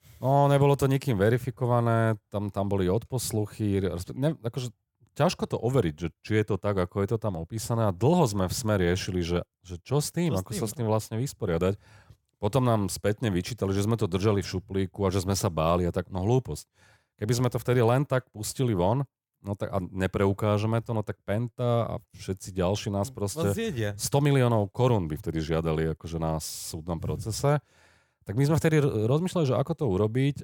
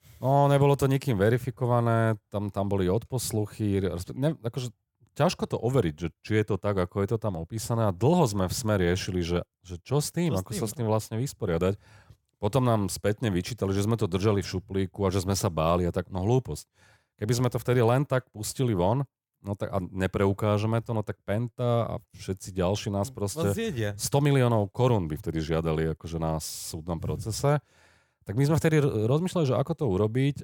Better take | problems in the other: neither | none

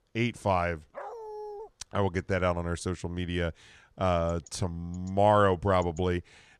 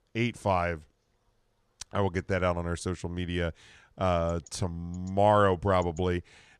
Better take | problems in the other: second | dog barking; faint; at 1 s; peak 10 dB below the speech

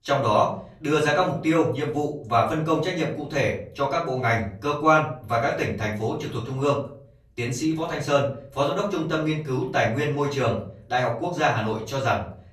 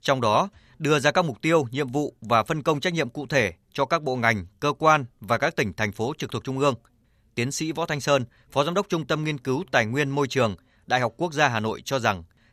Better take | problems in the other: second | room echo; slight; dies away in 0.4 s // off-mic speech; far

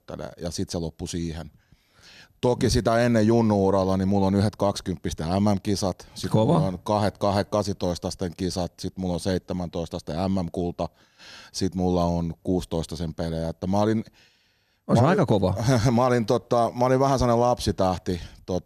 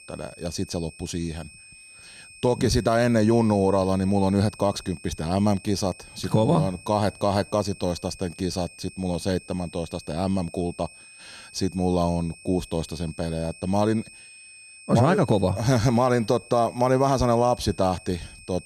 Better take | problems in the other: first | high-pitched whine; faint; throughout; 2.5 kHz, 20 dB below the speech

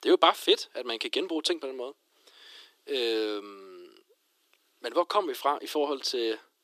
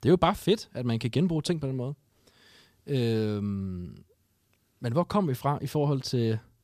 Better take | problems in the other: second | thin; very; fading below 300 Hz

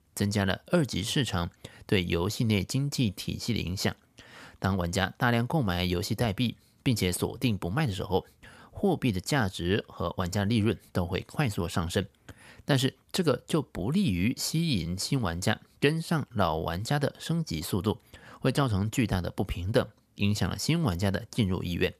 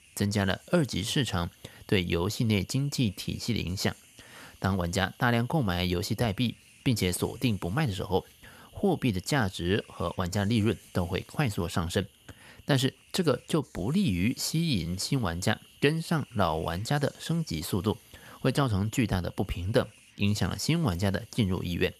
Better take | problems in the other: first | hiss; faint; throughout; 25 dB below the speech

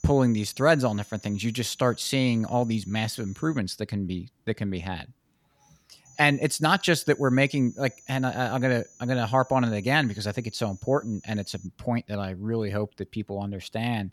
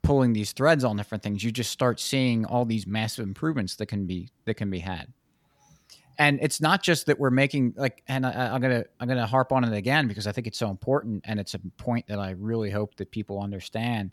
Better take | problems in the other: second | high-pitched whine; faint; until 3.5 s and from 6 to 12 s; 6 kHz, 25 dB below the speech

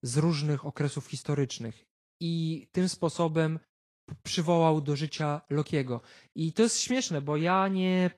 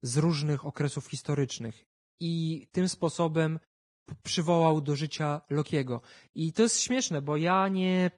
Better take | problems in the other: first | garbled, watery; badly; slightly in the first

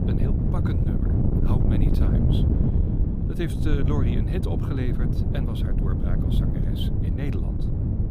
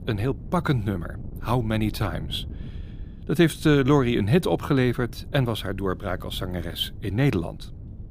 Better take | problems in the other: second | wind noise on the microphone; heavy; 3 dB above the speech; occasional gusts in the second

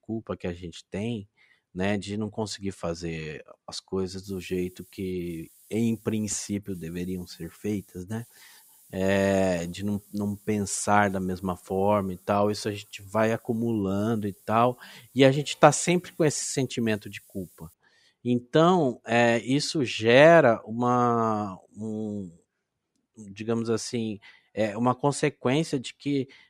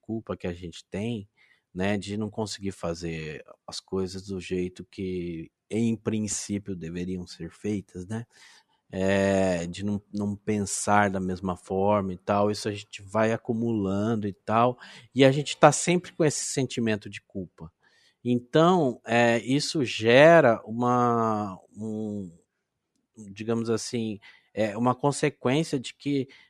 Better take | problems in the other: second | hiss; faint; from 4 to 18 s; 30 dB below the speech

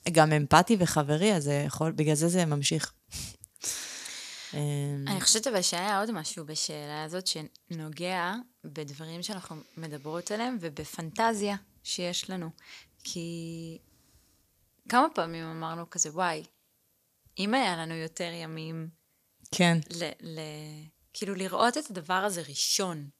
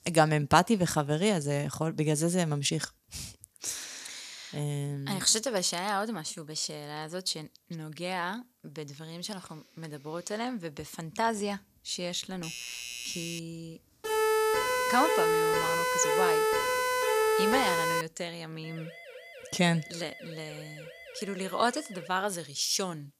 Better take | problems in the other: first | doorbell; noticeable; from 12 to 13 s; peak 6 dB below the speech // siren; loud; from 14 to 18 s; peak 6 dB above the speech // siren; faint; from 19 to 22 s; peak 15 dB below the speech

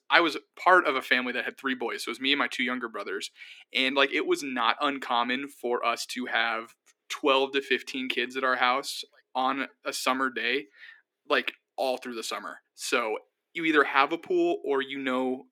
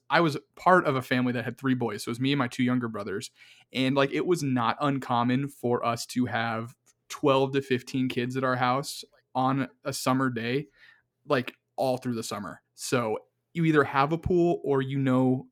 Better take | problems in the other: second | thin; somewhat; fading below 300 Hz

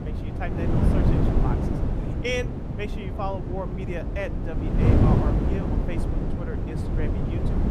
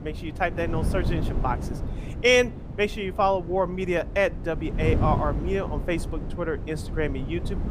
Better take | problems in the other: second | wind noise on the microphone; heavy; 1 dB above the speech; occasional gusts in the second

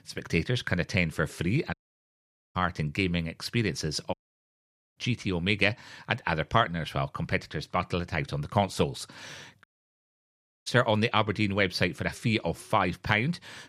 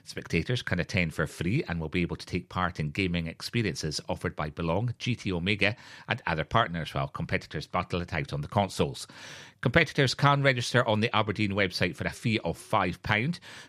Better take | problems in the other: second | audio cutting out; at 1.5 s for 1 s, at 4 s for 1 s and at 9.5 s for 1 s

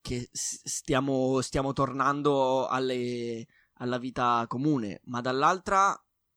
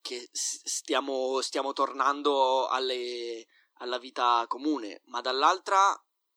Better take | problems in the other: first | thin; somewhat; fading below 300 Hz

